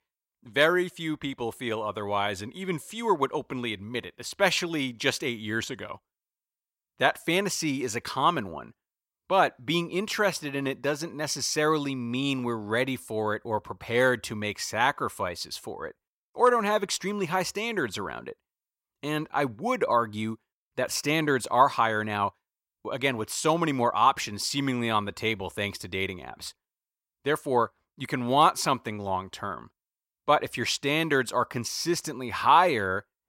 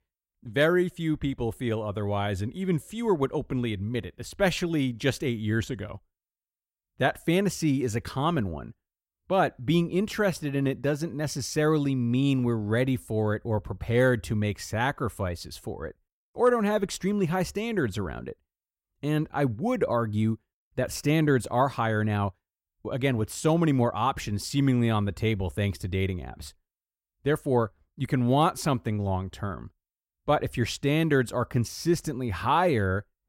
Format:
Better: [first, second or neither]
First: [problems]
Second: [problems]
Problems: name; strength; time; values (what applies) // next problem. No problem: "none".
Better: second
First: thin; somewhat; fading below 900 Hz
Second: none